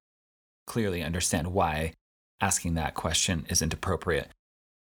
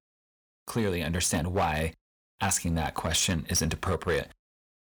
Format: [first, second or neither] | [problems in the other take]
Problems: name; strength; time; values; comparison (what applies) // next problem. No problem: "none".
first | distortion; slight; 4% of the sound clipped